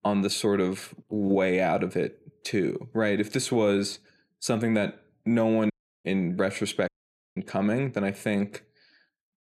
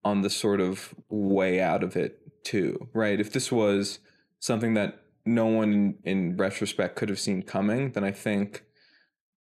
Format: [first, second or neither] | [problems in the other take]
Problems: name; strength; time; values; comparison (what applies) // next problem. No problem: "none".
second | audio cutting out; at 5.5 s and at 7 s